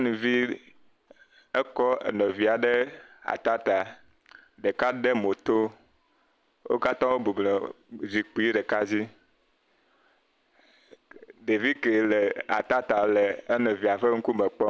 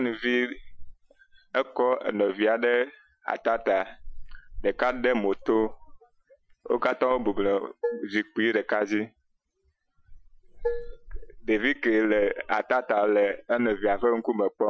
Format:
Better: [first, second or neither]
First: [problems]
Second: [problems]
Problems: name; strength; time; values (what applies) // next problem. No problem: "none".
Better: first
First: none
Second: noise reduction (classical method Wiener filter)